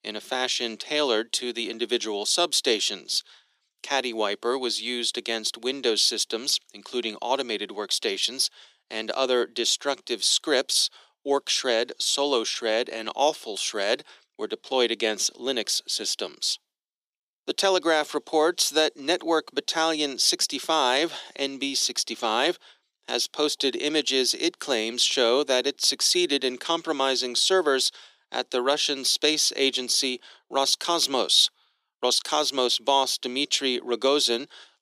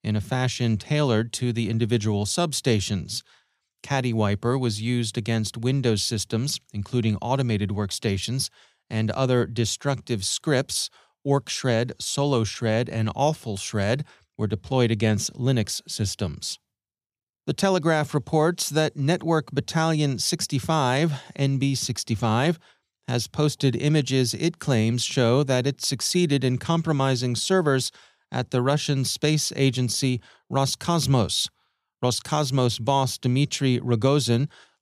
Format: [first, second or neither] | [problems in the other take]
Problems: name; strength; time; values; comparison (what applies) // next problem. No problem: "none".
second | thin; somewhat; fading below 300 Hz